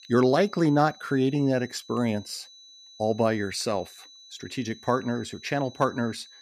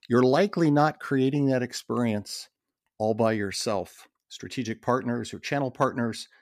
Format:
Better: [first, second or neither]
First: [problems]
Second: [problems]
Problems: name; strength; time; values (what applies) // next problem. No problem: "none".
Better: second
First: high-pitched whine; faint; throughout; 4 kHz, 20 dB below the speech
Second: none